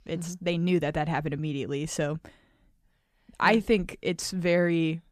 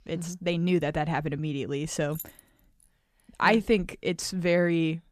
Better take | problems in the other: first | jangling keys; faint; at 2 s; peak 15 dB below the speech

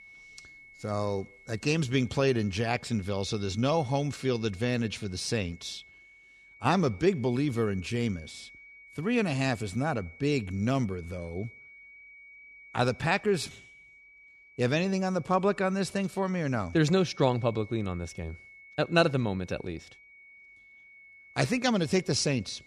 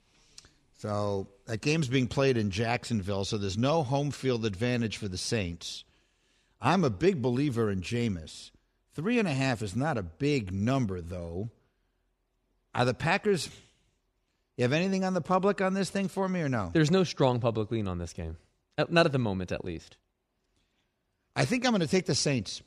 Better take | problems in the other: second | high-pitched whine; faint; throughout; 2 kHz, 20 dB below the speech

